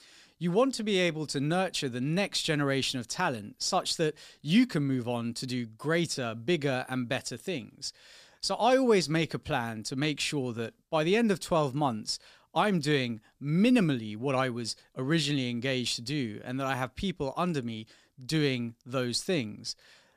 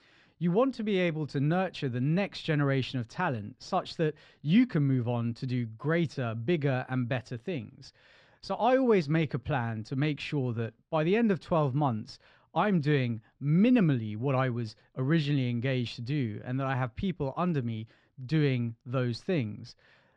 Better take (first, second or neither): first